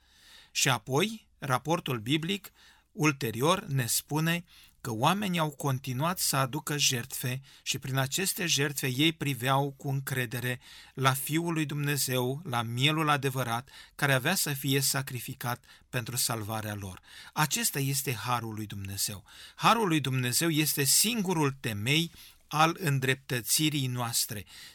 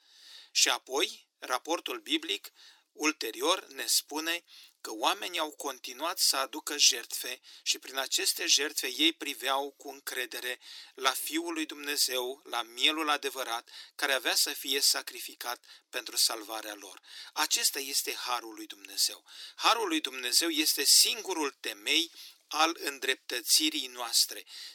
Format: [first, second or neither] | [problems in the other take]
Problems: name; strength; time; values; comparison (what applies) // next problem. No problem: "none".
first | thin; very; fading below 300 Hz